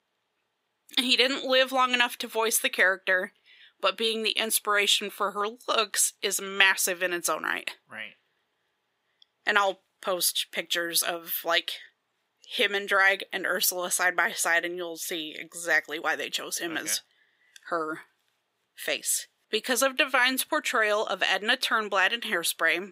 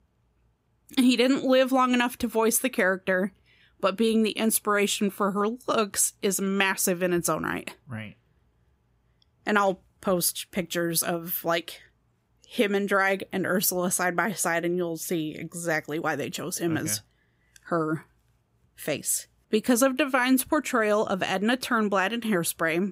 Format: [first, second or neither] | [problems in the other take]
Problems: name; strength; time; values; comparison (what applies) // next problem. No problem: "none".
second | thin; somewhat; fading below 450 Hz